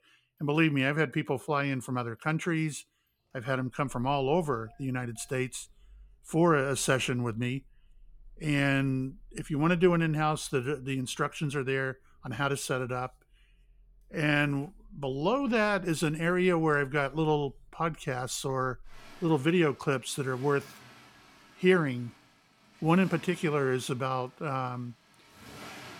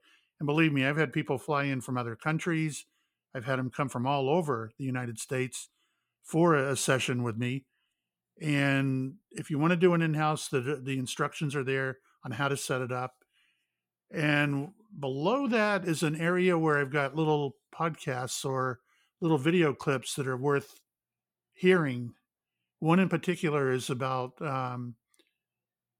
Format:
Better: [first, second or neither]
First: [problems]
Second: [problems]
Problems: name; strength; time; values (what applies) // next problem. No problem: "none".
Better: second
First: traffic noise; faint; throughout; 25 dB below the speech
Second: none